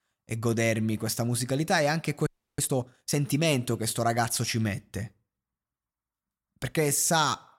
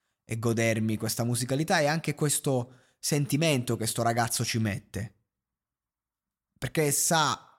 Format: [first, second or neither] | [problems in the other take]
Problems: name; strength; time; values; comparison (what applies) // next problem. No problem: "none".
second | audio freezing; at 2.5 s